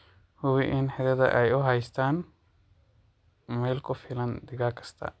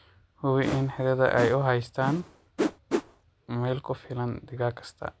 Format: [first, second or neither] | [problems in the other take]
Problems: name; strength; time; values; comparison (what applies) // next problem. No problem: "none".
first | background sound (Whoosh, swoosh, swish); 6 dB below the speech